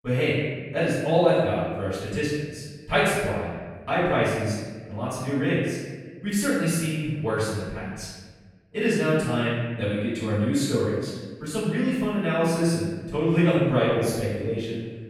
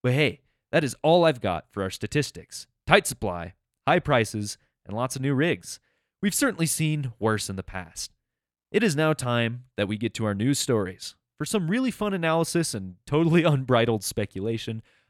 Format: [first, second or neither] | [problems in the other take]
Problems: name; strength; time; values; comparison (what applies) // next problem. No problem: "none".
second | room echo; strong; dies away in 1.3 s // off-mic speech; far